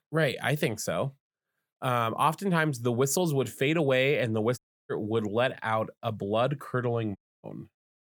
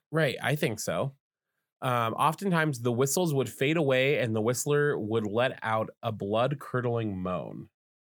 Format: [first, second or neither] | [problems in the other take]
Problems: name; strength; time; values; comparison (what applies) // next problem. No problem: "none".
second | audio cutting out; at 4.5 s and at 7 s